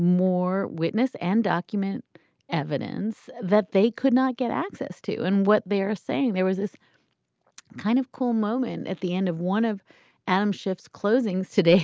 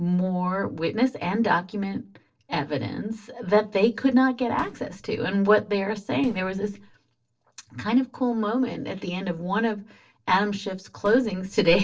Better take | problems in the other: first | noise reduction (neural separator model SepFormer DNS4)

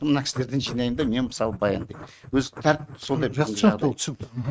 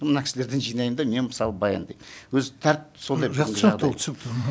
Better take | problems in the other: second | noise reduction (neural mask model RNNoise)

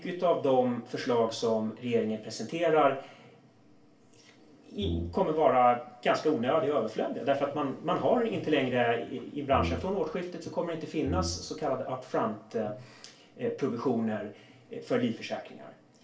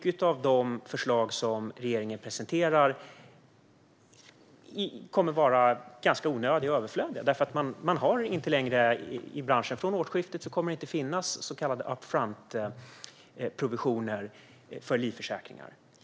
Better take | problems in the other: second | background sound (Brass instrument); 7 dB below the speech // room echo; dies away in 0.3 s

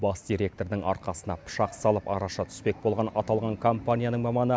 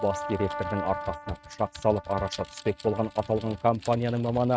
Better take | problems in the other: first | noise reduction (neural mask model RNNoise)

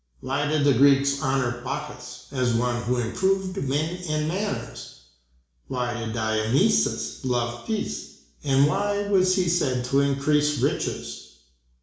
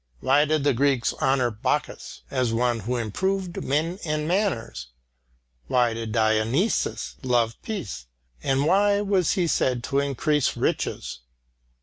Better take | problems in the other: second | room echo; dies away in 0.7 s

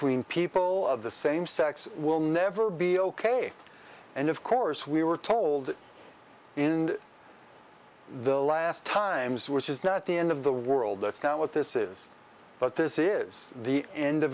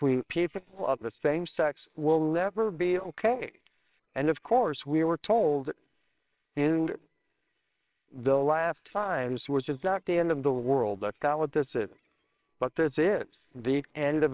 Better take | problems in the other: first | noise reduction (neural separator model SepFormer WHAMR!)

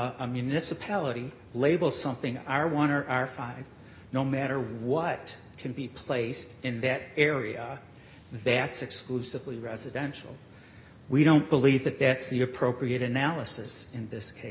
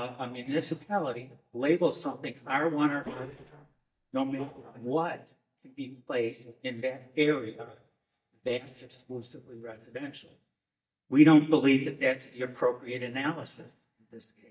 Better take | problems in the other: first | noise reduction (neural mask model DeepFilterNet 3)

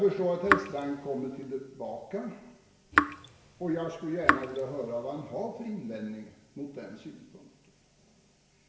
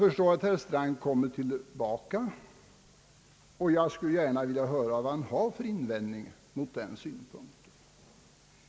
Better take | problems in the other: second | background sound (Raindrop / Drip); 4 dB above the speech // room echo; dies away in 0.9 s

